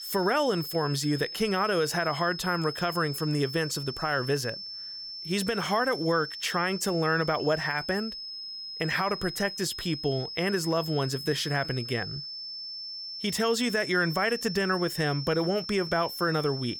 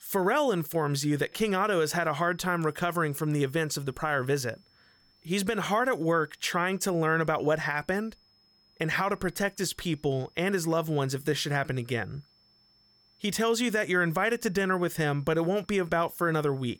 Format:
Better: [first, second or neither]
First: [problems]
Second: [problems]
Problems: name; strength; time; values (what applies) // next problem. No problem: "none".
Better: second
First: high-pitched whine; loud; throughout; 5.5 kHz, 8 dB below the speech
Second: high-pitched whine; faint; throughout; 5.5 kHz, 35 dB below the speech